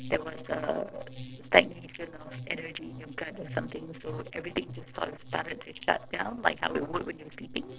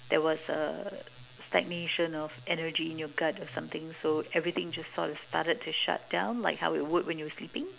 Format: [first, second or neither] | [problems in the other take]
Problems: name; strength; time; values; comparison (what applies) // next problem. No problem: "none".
second | noise reduction (neural separator model SepFormer DNS4)